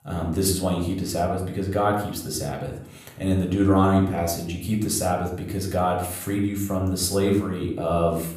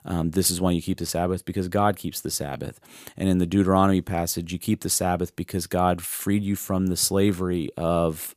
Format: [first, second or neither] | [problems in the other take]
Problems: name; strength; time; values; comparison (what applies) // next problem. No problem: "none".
second | off-mic speech; somewhat distant // room echo; noticeable; dies away in 0.5 s